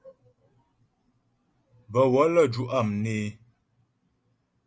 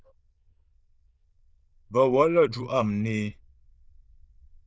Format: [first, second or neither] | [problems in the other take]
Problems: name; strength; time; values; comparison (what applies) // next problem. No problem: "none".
first | noise reduction (neural diffusion model UNIVERSE++)